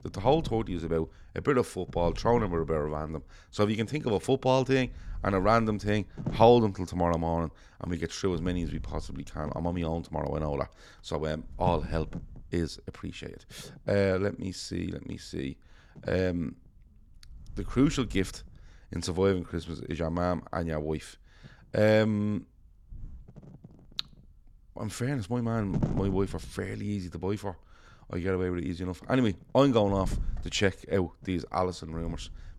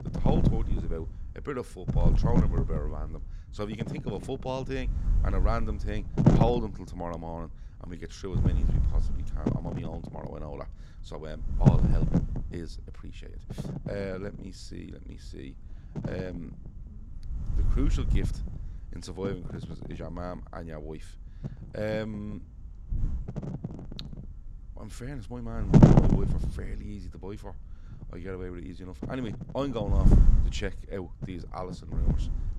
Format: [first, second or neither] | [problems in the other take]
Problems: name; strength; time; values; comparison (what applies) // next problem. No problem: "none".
first | wind noise on the microphone; heavy; 3 dB above the speech; occasional gusts in the first